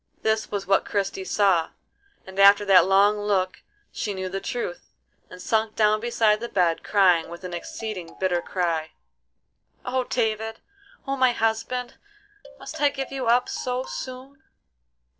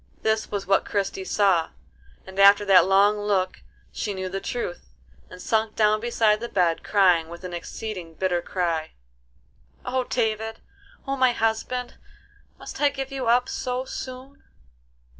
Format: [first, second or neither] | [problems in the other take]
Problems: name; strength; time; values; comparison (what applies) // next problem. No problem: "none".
second | noise reduction (neural separator model SepFormer DNS4)